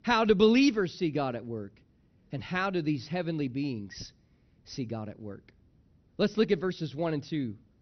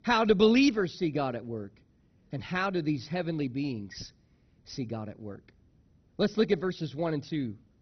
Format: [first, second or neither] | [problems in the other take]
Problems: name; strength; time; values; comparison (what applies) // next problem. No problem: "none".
first | garbled, watery; badly; nothing above 6 kHz; slightly in the first